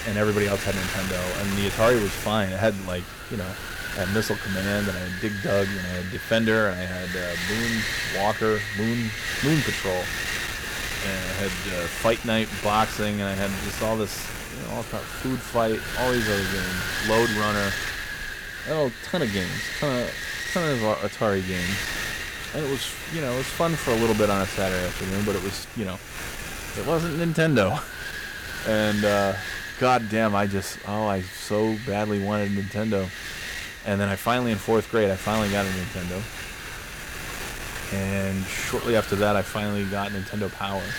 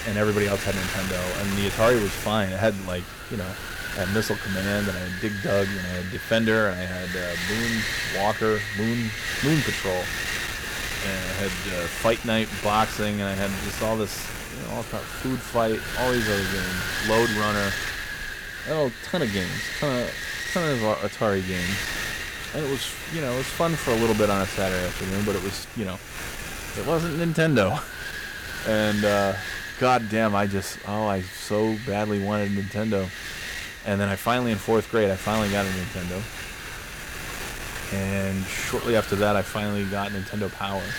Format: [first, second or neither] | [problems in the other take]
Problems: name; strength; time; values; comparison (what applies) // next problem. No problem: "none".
neither | wind noise on the microphone; heavy; 3 dB below the speech; the same in both